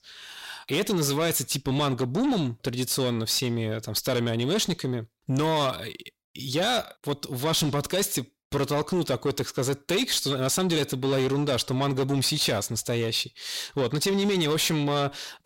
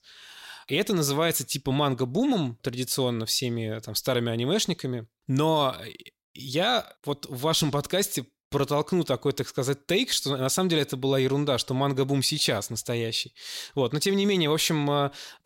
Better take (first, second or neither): second